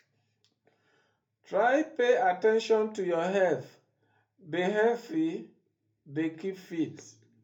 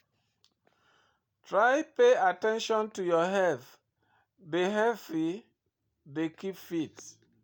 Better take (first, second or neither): second